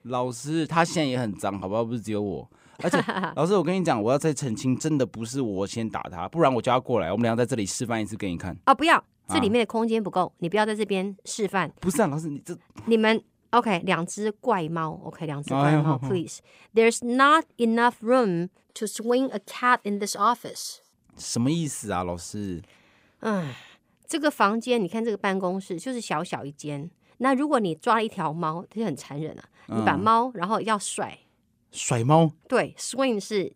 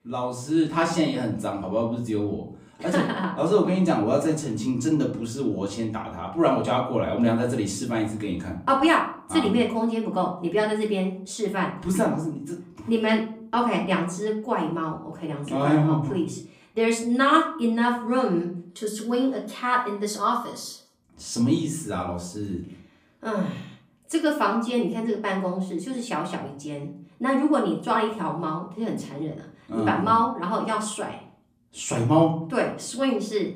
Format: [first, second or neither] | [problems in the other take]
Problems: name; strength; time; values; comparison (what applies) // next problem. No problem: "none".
first | off-mic speech; far // room echo; slight; dies away in 0.4 s